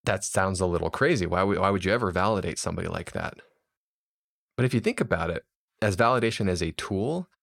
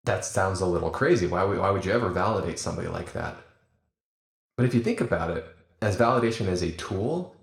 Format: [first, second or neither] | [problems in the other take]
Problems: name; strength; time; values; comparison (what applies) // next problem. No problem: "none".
first | room echo; very slight; dies away in 0.5 s